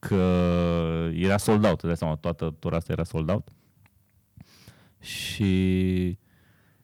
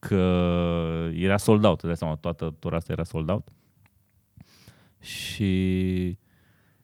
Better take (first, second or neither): second